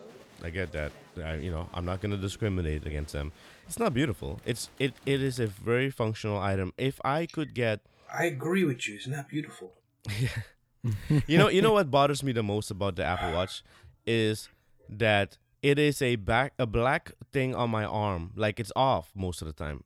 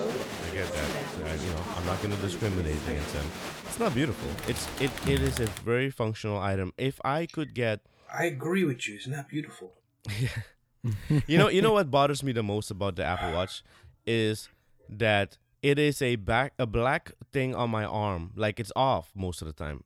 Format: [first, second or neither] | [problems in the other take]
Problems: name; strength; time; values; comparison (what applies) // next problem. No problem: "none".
first | crowd noise; loud; until 5.5 s; 6 dB below the speech; faint in the first